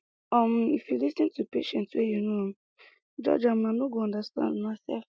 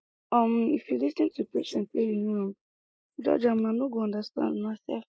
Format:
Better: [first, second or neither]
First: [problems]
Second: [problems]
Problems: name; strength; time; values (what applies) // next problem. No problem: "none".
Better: first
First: none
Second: noise reduction (neural mask model Resemble Enhance denoiser)